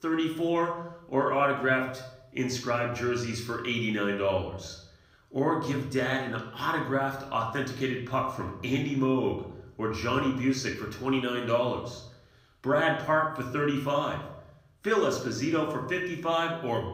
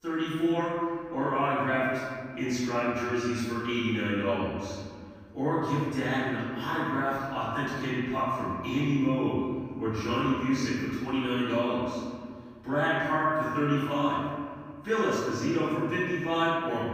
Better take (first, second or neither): first